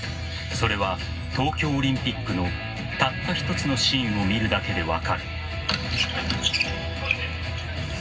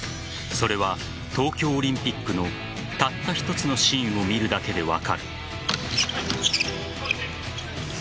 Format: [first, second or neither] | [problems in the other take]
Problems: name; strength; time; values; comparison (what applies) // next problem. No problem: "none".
second | room echo; dies away in 0.4 s